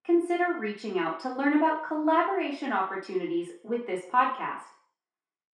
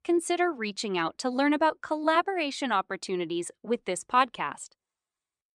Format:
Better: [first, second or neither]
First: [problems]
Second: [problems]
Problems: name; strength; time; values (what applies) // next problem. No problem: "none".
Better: second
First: room echo; noticeable; dies away in 0.5 s // off-mic speech; far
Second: none